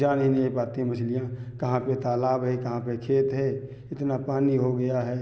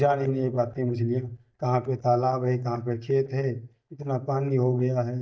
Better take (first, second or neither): first